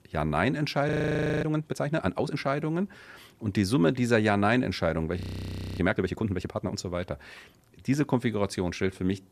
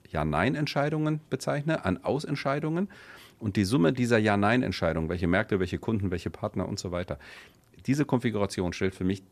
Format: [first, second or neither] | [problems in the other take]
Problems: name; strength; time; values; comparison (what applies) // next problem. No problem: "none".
second | audio freezing; at 1 s for 0.5 s and at 5 s for 0.5 s